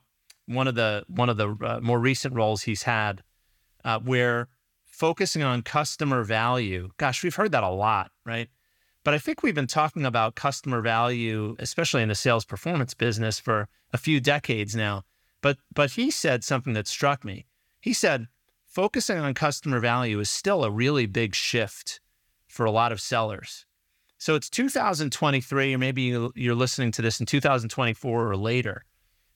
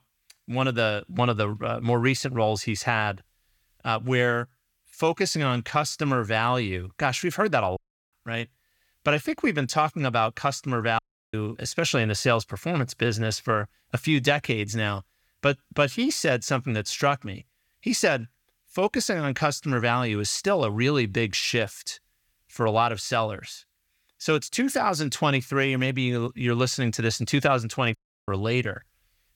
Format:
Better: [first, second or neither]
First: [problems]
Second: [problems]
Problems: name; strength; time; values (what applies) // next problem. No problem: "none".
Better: first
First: none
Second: audio cutting out; at 8 s, at 11 s and at 28 s